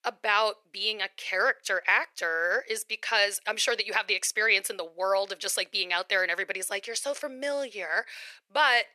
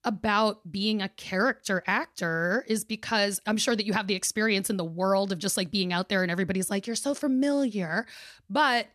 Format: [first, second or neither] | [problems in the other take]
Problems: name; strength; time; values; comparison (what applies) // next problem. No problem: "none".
second | thin; very; fading below 450 Hz